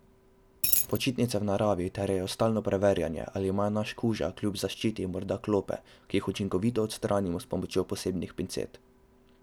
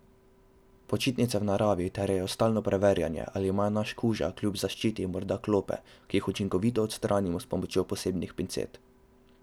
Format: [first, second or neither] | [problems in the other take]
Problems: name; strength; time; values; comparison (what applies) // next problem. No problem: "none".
second | background sound (Coin (dropping)); 4 dB above the speech